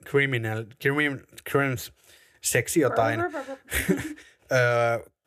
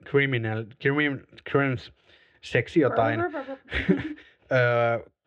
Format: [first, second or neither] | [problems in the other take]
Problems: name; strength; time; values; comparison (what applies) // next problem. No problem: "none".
first | muffled; very; fading above 3.5 kHz